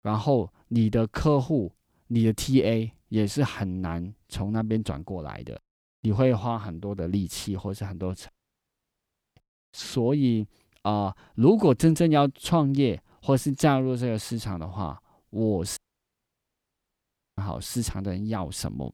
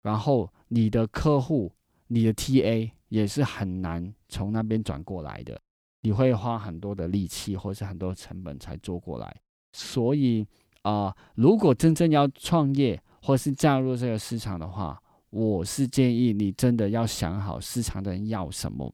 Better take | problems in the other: second | audio cutting out; at 8.5 s for 1 s and at 16 s for 1.5 s

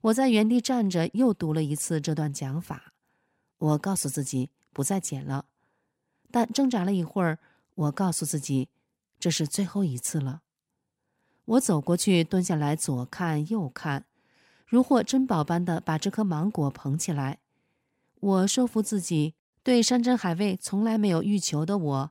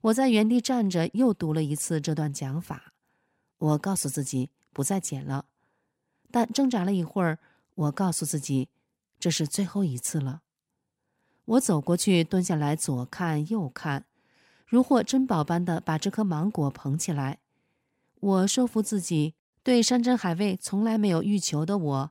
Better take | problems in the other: neither | none

